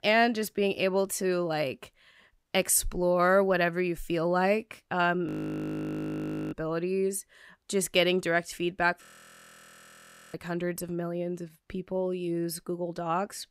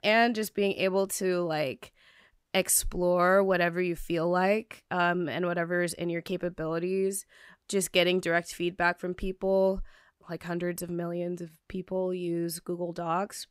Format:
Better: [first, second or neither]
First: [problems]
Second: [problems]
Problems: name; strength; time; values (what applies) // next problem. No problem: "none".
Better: second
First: audio freezing; at 5.5 s for 1.5 s and at 9 s for 1.5 s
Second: none